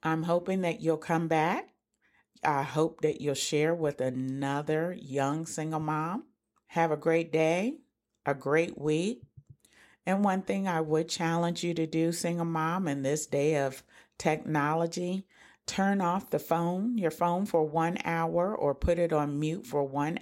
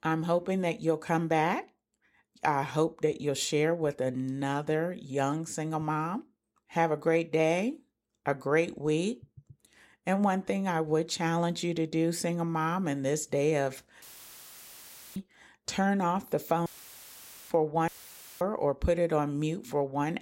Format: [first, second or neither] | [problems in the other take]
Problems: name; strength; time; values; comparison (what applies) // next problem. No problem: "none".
first | audio cutting out; filled with static; at 14 s for 1 s, at 17 s for 1 s and at 18 s for 0.5 s